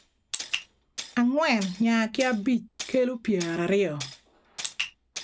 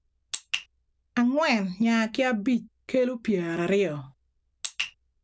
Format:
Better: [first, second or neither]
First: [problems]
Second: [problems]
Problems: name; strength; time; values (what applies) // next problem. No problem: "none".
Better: second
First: background sound (Tools); 16 dB below the speech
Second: none